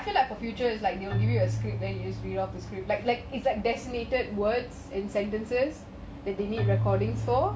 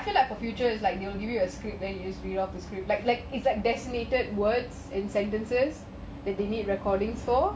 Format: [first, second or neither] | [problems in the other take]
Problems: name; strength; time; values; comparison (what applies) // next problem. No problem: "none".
second | background sound (Keyboard (musical)); 4 dB below the speech